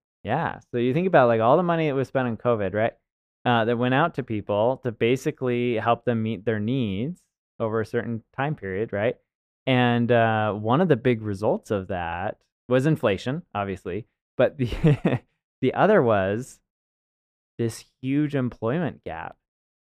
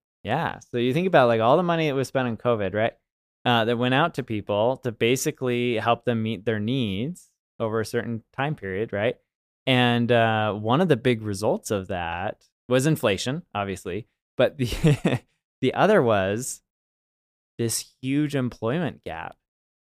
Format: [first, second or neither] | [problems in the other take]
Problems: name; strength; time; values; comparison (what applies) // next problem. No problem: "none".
second | muffled; slightly; fading above 3.5 kHz